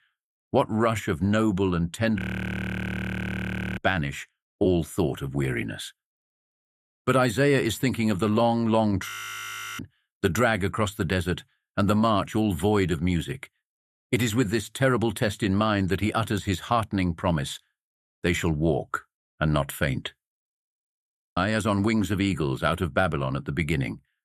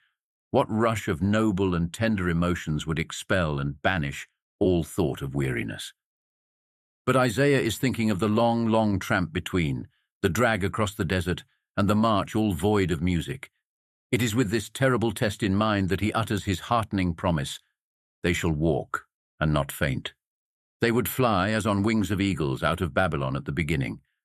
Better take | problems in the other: second | audio freezing; at 2 s for 1.5 s, at 9 s for 0.5 s and at 20 s for 1 s

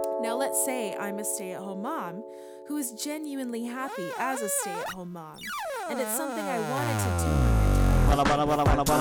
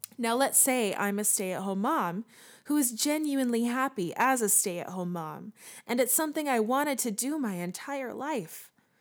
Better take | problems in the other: second | background music; very loud; throughout; 5 dB above the speech

